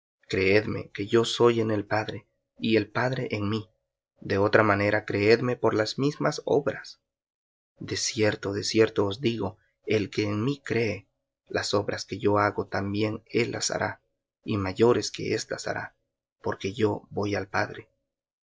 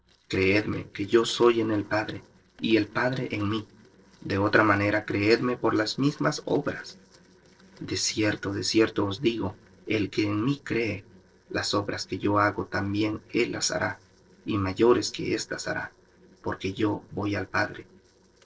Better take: first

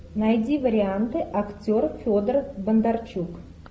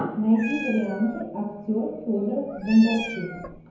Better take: first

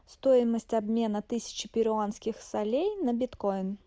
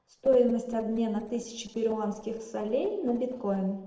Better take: first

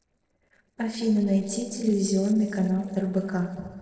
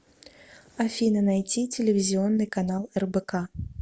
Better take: second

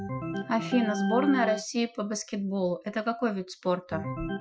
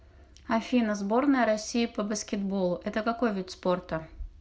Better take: second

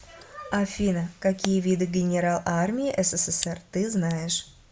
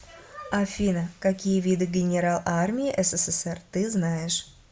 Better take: second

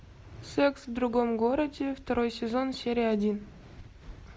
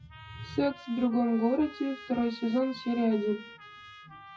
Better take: first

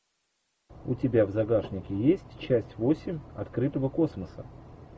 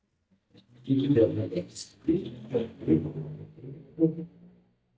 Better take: first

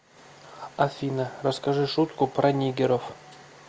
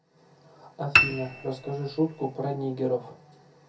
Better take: first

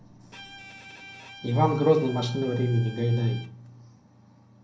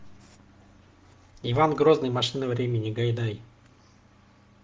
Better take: second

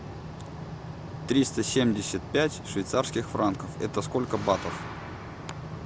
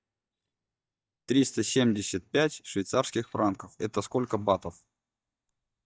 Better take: first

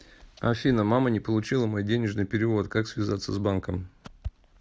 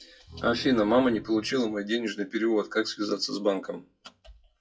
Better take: first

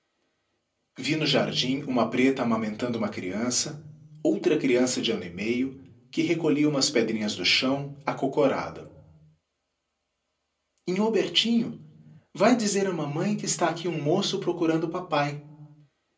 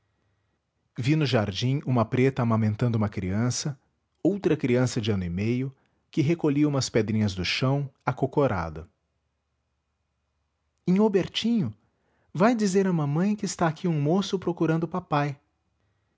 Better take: second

